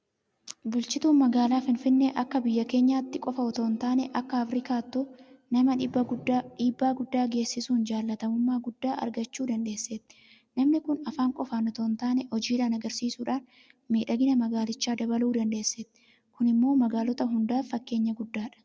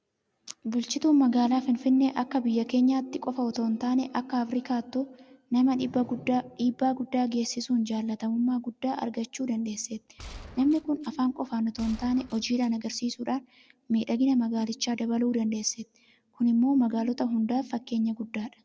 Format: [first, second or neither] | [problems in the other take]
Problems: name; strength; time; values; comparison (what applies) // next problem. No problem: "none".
first | background sound (Gunshot, gunfire); 19 dB below the speech